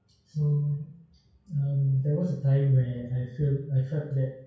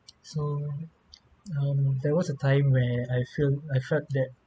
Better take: second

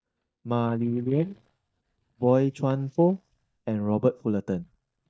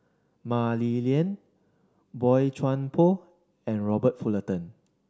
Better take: second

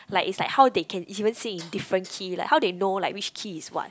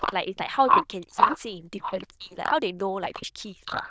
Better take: first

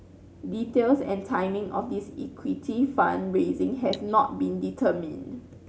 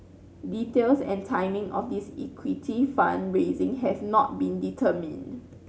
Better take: second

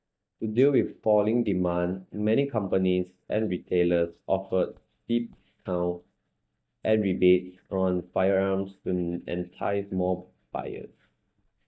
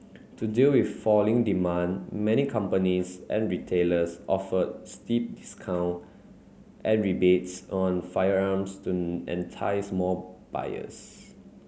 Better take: second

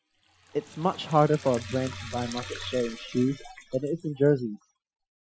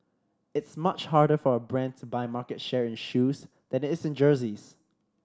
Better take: second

